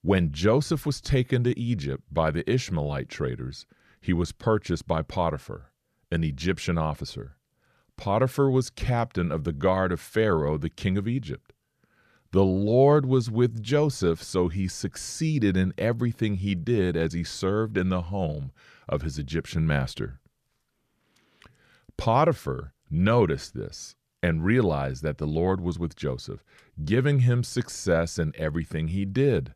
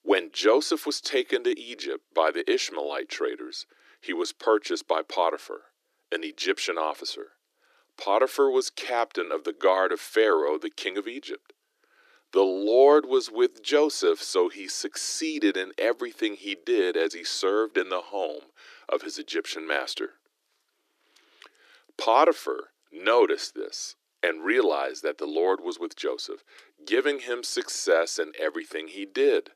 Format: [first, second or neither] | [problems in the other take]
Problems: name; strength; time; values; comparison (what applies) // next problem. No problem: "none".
first | thin; very; fading below 300 Hz